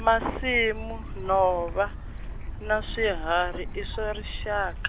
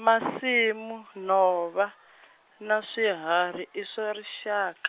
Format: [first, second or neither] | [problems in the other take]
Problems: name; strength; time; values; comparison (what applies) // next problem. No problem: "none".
second | background sound (Stream / Bird); 7 dB below the speech